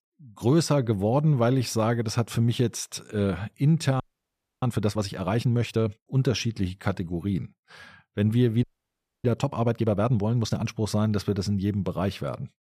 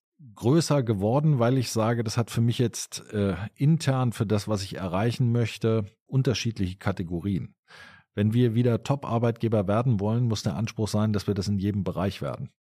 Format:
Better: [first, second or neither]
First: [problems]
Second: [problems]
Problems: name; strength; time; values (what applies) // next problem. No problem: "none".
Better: second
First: audio freezing; at 4 s for 0.5 s and at 8.5 s for 0.5 s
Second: none